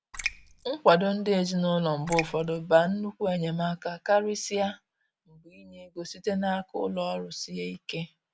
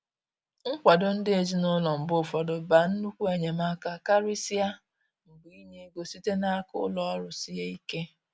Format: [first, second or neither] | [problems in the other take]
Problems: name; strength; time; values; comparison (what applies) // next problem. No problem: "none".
second | background sound (Raindrop); 8 dB below the speech